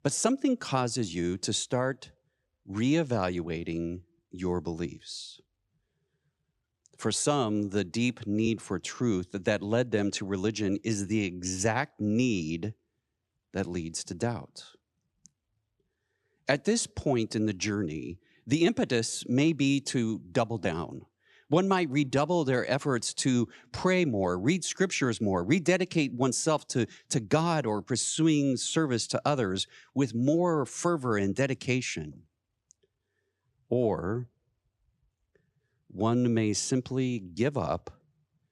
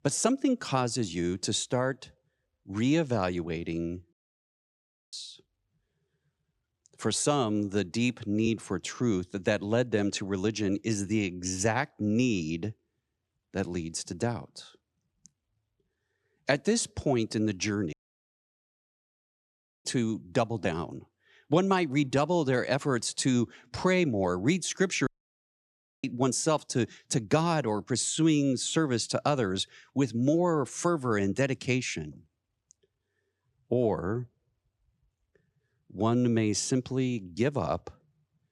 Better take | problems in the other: first | audio cutting out; at 4 s for 1 s, at 18 s for 2 s and at 25 s for 1 s

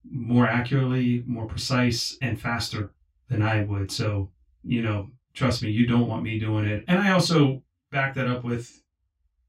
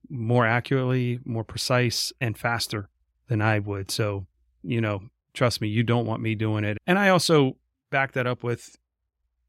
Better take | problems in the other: second | room echo; slight; dies away in 0.2 s // off-mic speech; far

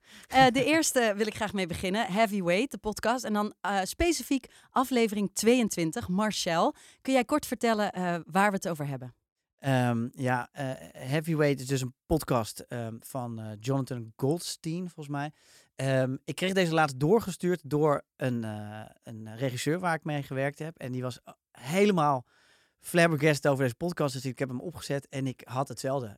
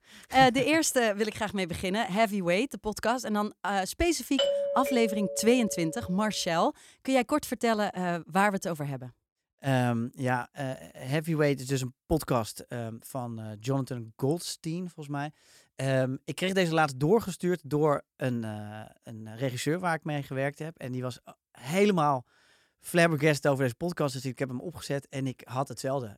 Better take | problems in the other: first | doorbell; loud; from 4.5 to 6 s; peak 2 dB above the speech

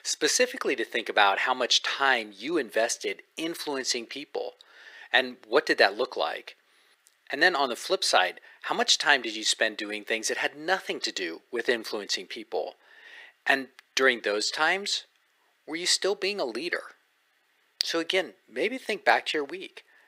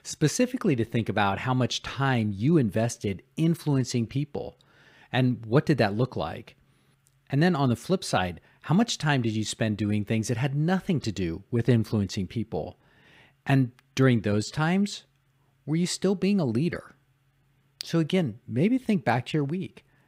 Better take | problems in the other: second | thin; very; fading below 400 Hz

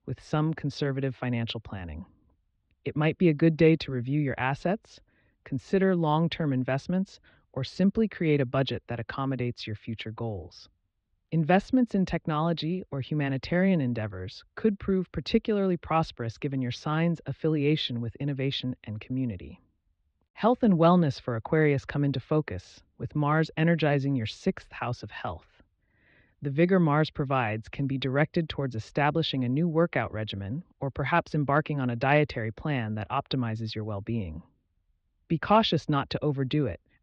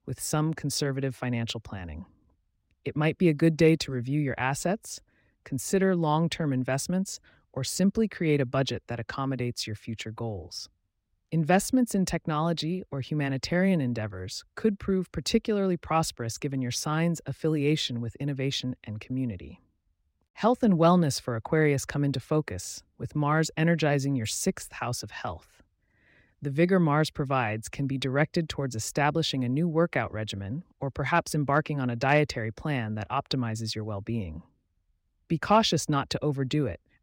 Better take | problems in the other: second | muffled; slightly; fading above 3.5 kHz

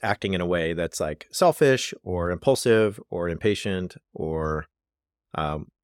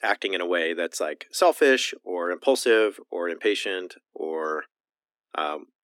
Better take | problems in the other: first | thin; somewhat; fading below 250 Hz

